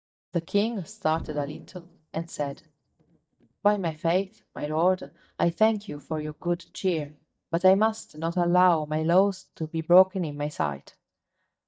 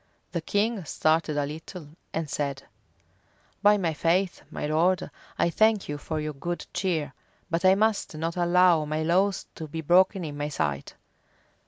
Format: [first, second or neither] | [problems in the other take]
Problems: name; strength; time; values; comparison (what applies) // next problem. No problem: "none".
second | noise reduction (neural mask model DeepFilterNet 3)